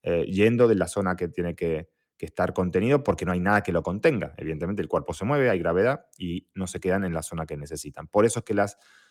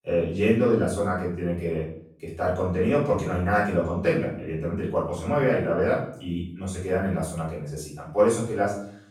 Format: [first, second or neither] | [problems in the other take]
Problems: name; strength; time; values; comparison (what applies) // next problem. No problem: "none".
first | off-mic speech; far // room echo; noticeable; dies away in 0.5 s